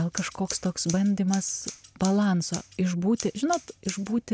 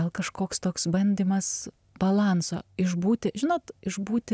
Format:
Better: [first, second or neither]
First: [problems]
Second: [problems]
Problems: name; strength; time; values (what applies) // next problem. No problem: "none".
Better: second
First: background sound (Scissors); 14 dB below the speech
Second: none